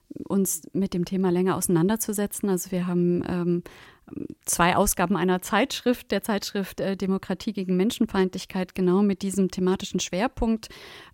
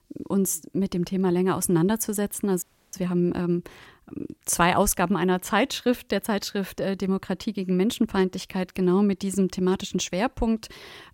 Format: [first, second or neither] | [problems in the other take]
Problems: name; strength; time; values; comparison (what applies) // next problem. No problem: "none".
first | audio freezing; at 2.5 s